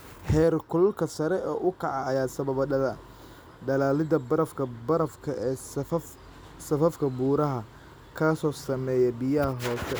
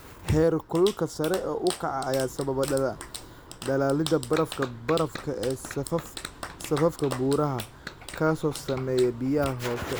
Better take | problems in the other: first | background sound (Clapping); 13 dB below the speech

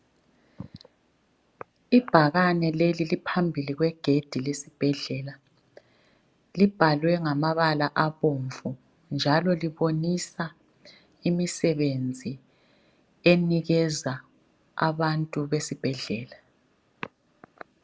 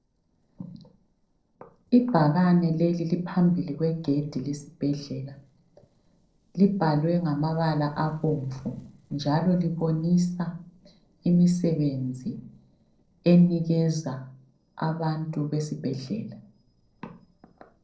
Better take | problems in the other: first | noise reduction (neural separator model SepFormer DNS4)

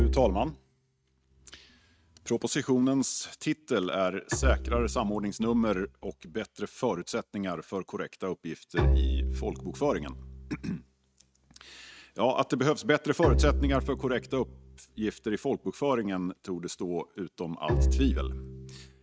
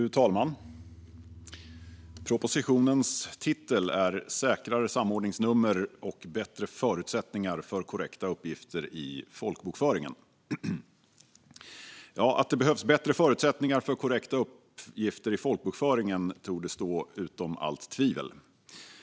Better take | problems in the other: second | noise reduction (neural mask model RNNoise)

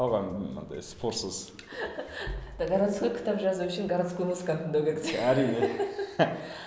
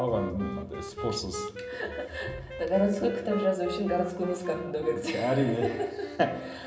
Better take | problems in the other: first | background sound (Wind instrument, woodwind instrument); 10 dB below the speech // room echo; dies away in 0.4 s

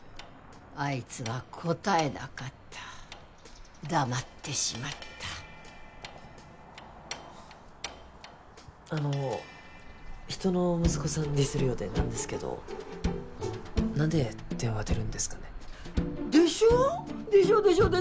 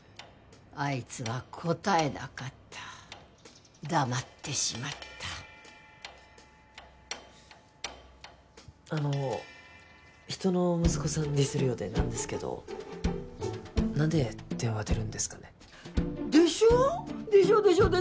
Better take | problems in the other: second | background sound (Cricket / Motor vehicle (road)); 15 dB below the speech

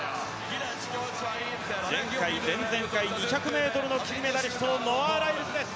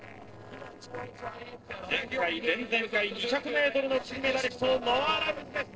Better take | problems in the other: first | noise reduction (neural separator model SepFormer DNS4)

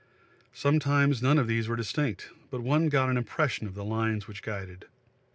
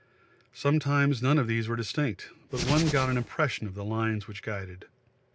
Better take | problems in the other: first | background sound (Hands); 5 dB below the speech

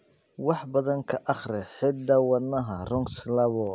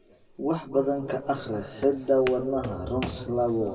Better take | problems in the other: first | background sound (Walk, footsteps); 17 dB below the speech // room echo; dies away in 2.5 s

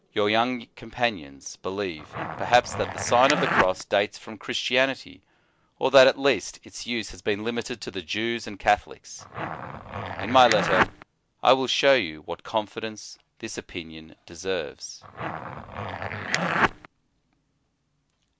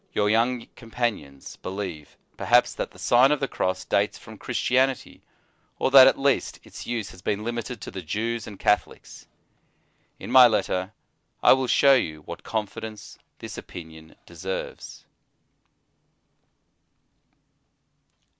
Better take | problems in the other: second | background sound (Zipper (clothing)); 2 dB below the speech

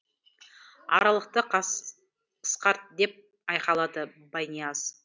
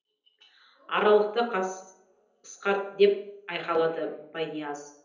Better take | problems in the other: first | room echo; dies away in 0.7 s

